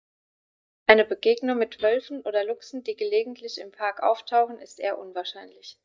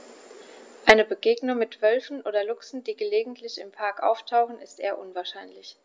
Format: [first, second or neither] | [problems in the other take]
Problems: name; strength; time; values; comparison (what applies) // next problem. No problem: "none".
second | noise reduction (neural mask model DeepFilterNet 3)